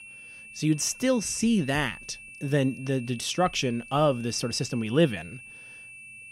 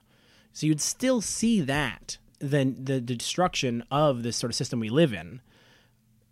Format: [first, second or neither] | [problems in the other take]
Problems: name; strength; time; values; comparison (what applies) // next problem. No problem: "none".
second | high-pitched whine; noticeable; throughout; 2.5 kHz, 15 dB below the speech